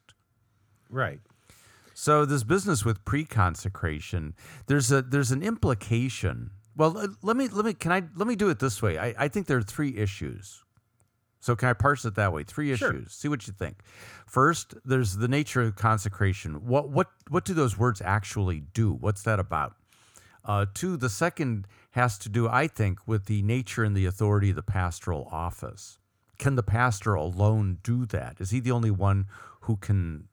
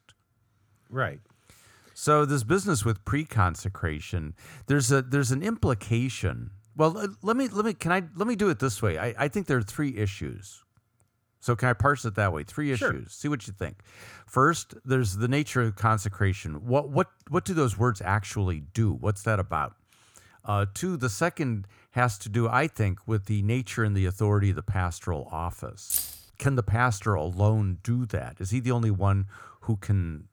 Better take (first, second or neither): first